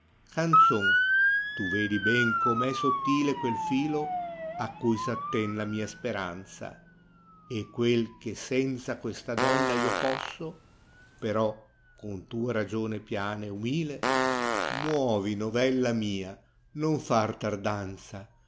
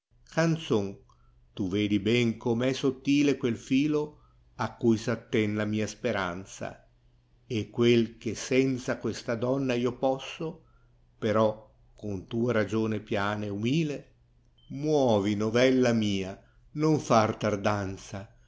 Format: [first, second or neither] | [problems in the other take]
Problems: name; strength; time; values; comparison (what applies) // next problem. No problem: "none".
second | background sound (Motor vehicle (road) / Siren + Fart); 1 dB below the speech